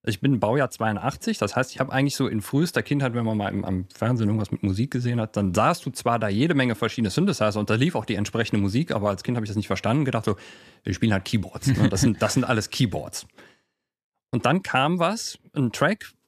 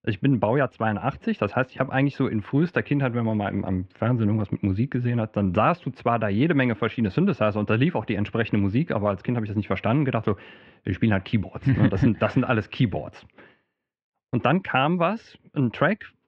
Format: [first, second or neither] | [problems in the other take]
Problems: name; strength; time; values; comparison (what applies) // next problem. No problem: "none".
first | muffled; very; fading above 2.5 kHz